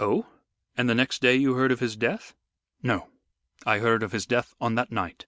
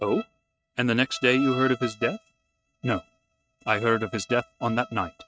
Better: first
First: none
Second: noise reduction (neural mask model RNNoise)

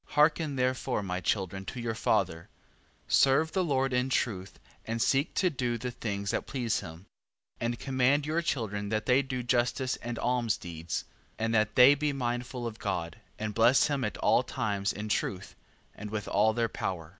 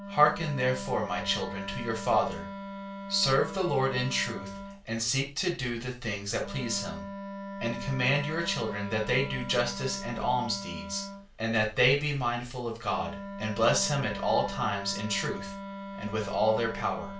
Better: first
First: none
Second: background sound (Wind instrument, woodwind instrument); 10 dB below the speech // room echo; dies away in 0.3 s

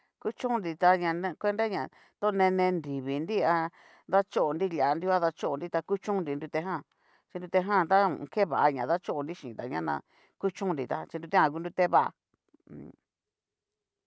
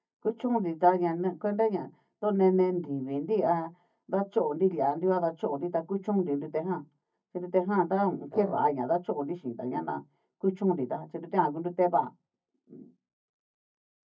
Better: first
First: none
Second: noise reduction (neural mask model DeepFilterNet 3)

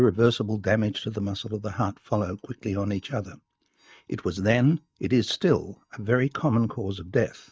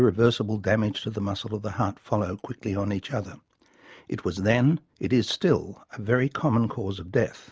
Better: second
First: noise reduction (neural mask model DeepFilterNet 3)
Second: none

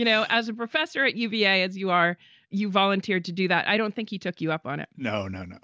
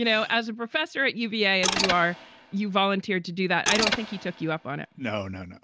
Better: first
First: none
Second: background sound (Mechanisms); 5 dB below the speech

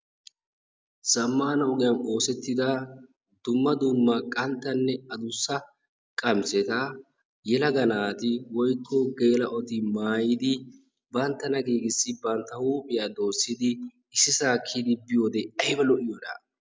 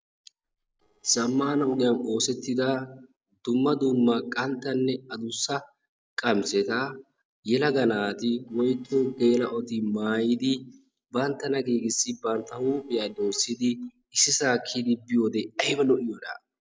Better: first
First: none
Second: noise reduction (neural separator model SepFormer DNS4)

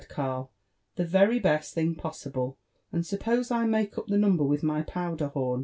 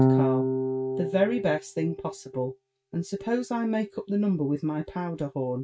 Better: first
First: none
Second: noise reduction (neural mask model RNNoise)

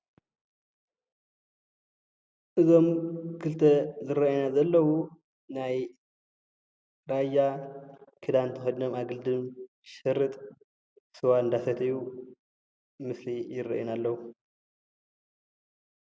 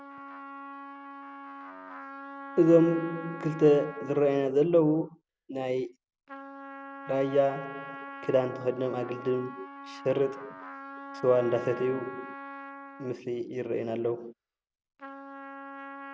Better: first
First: none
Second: background sound (Trumpet); 14 dB below the speech

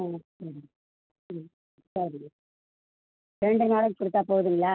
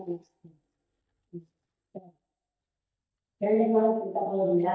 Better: first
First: none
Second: noise reduction (neural mask model DeepFilterNet 3)

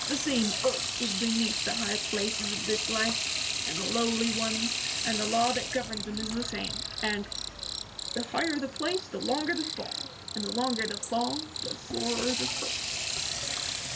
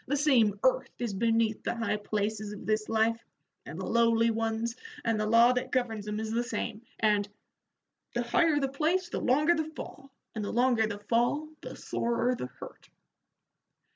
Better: second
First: background sound (Sink (filling or washing) / Water tap, faucet + Cricket); as loud as the speech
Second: none

